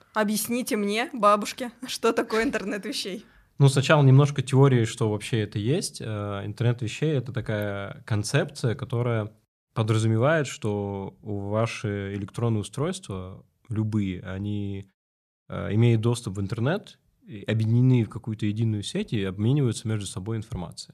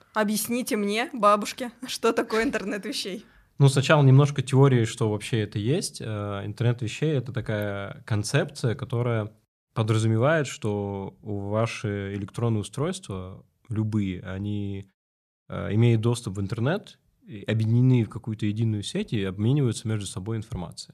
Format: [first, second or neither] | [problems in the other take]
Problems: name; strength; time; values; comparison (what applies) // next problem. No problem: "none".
neither | none